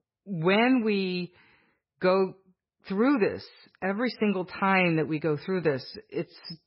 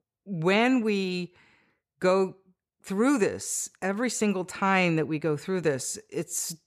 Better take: second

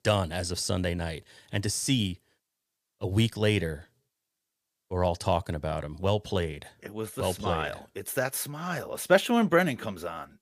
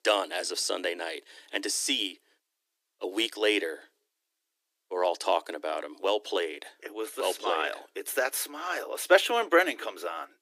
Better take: first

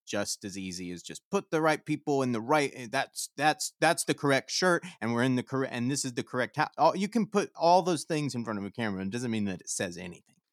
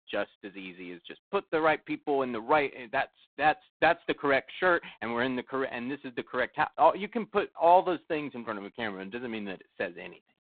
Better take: first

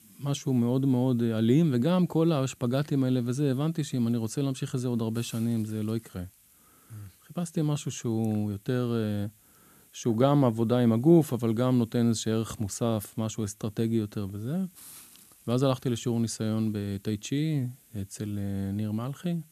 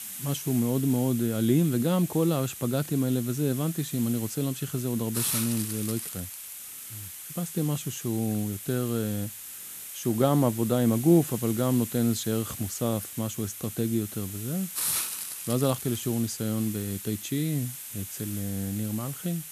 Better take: first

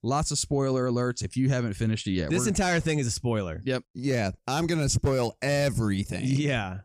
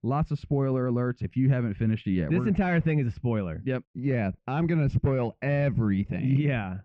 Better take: first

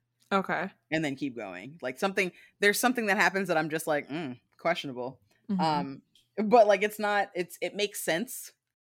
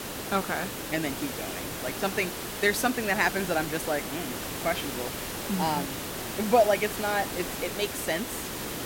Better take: first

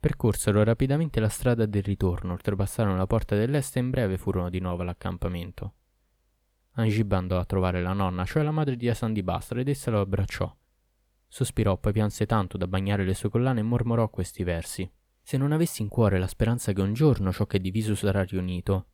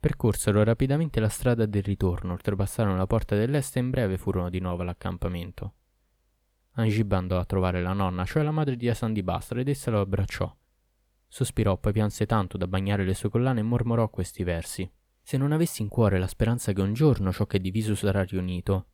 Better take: neither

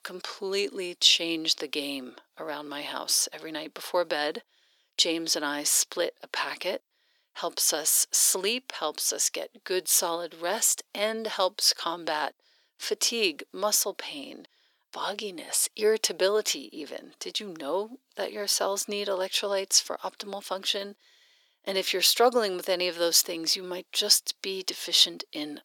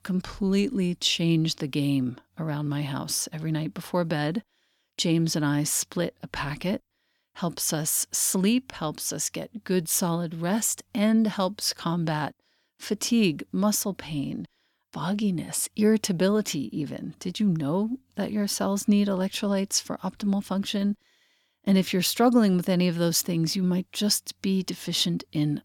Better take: second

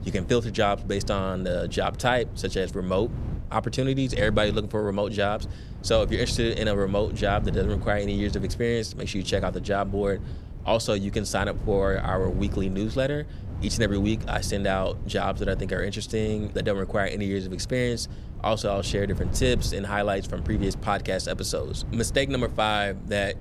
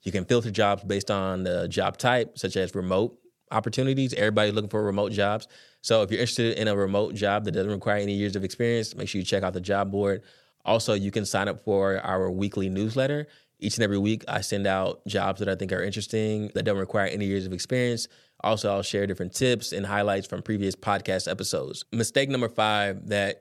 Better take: second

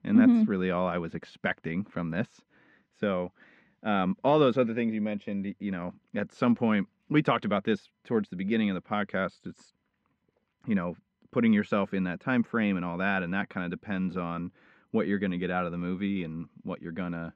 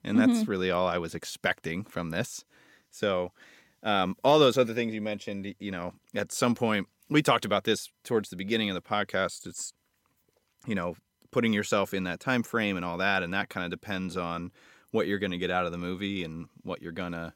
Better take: second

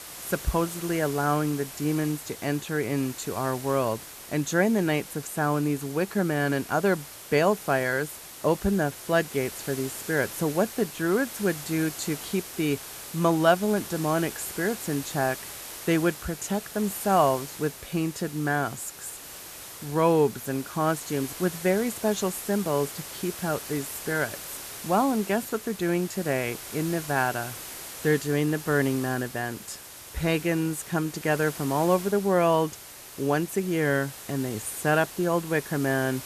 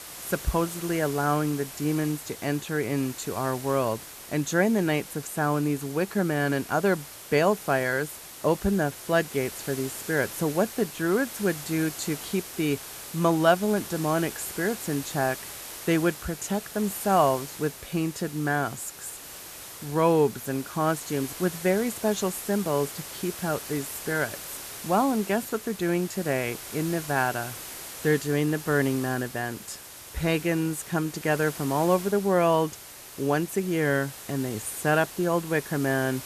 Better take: neither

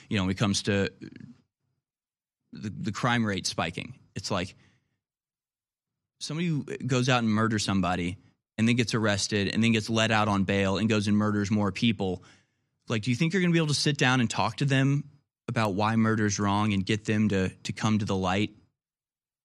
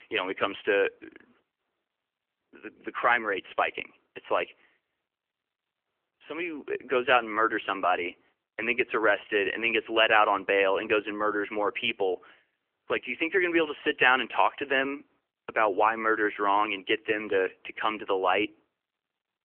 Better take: first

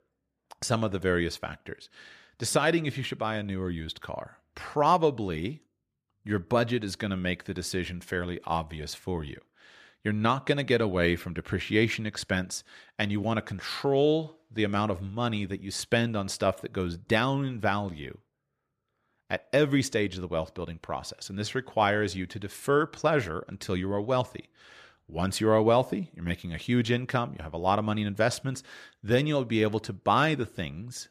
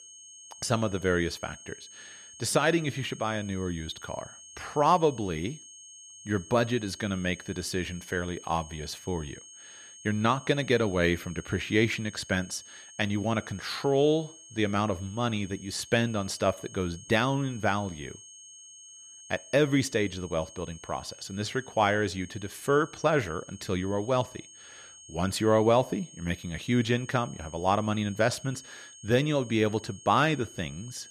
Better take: first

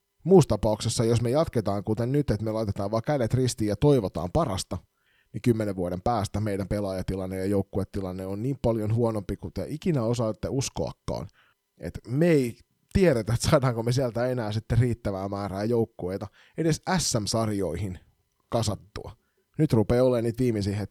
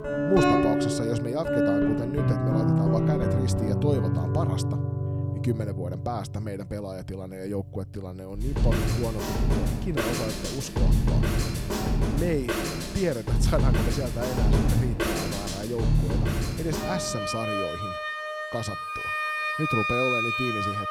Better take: first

